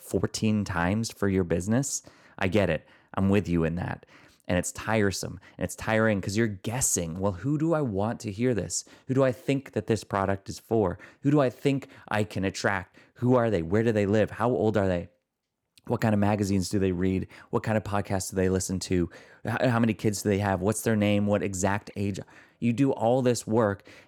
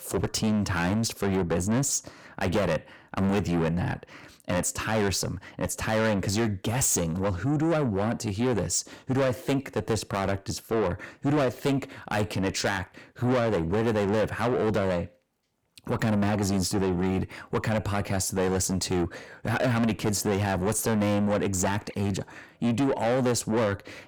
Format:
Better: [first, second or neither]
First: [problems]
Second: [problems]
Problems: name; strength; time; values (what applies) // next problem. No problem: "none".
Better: first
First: none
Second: distortion; heavy; 6 dB below the speech